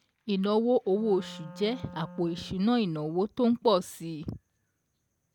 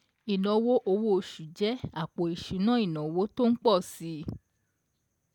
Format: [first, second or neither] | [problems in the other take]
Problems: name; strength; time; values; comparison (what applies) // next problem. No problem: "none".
second | background sound (Wind instrument, woodwind instrument); 18 dB below the speech